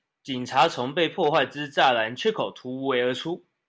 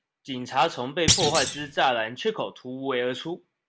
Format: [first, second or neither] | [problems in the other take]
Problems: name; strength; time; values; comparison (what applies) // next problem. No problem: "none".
first | background sound (Thump, thud); as loud as the speech